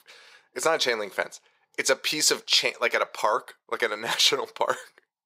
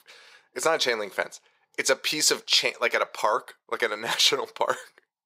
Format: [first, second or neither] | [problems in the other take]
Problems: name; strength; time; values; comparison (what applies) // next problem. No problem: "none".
neither | thin; very; fading below 550 Hz; the same in both